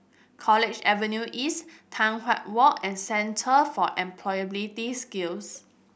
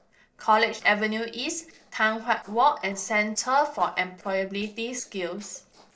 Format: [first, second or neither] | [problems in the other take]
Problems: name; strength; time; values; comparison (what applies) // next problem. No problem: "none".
first | noise reduction (neural separator model SepFormer DNS4)